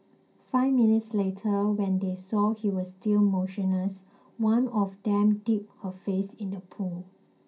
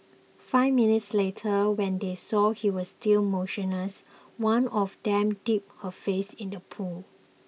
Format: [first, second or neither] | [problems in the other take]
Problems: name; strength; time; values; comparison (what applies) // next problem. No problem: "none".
second | room echo; dies away in 0.3 s